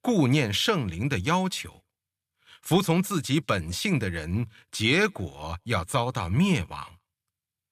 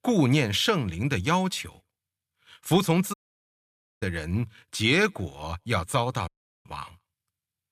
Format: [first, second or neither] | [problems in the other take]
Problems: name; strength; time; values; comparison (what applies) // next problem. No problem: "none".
first | audio cutting out; at 3 s for 1 s and at 6.5 s